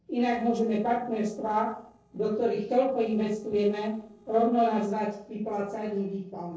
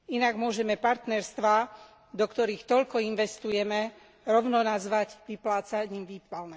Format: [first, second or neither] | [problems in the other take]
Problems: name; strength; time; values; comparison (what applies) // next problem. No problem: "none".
second | noise reduction (neural separator model SepFormer DNS4)